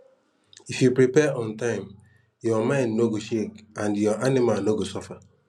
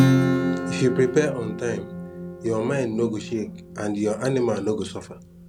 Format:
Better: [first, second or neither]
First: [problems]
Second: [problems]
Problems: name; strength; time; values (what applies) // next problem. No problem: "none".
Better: first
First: none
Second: background sound (Acoustic guitar / Strum); 1 dB below the speech